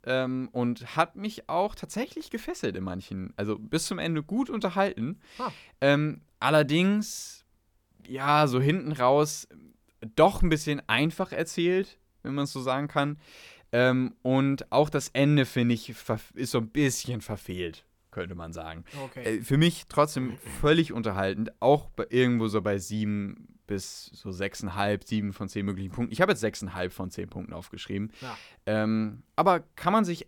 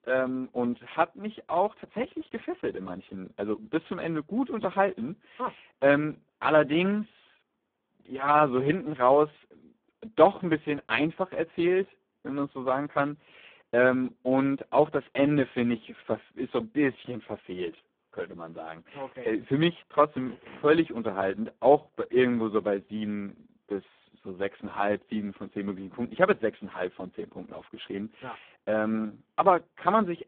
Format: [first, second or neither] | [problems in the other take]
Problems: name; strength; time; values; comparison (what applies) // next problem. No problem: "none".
first | phone-call audio; poor line